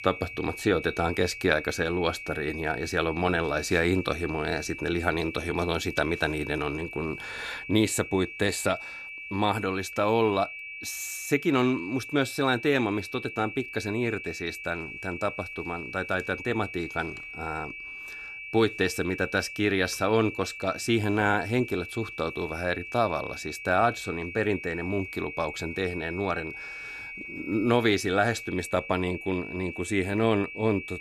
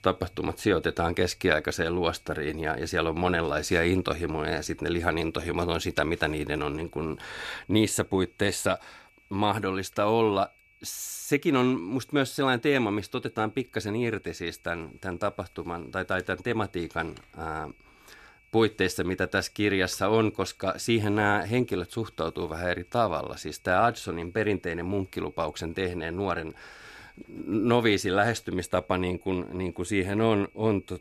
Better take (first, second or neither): second